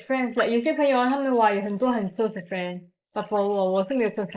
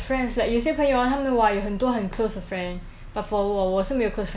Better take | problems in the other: second | noise reduction (neural mask model Resemble Enhance denoiser)

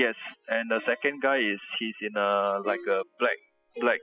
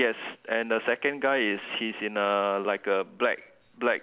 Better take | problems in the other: second | noise reduction (classical method spectral subtraction)

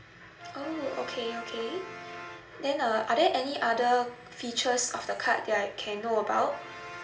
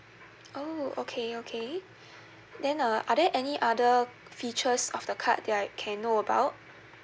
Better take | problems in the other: second | background sound (Brass instrument); 17 dB below the speech // room echo; dies away in 0.8 s

